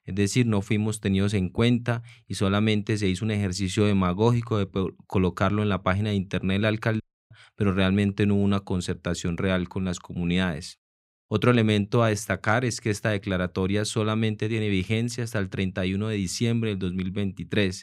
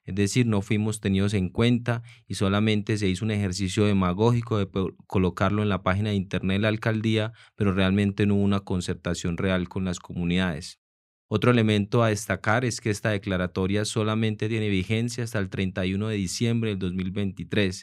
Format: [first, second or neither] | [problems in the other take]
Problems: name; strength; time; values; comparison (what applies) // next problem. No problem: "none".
second | audio cutting out; at 7 s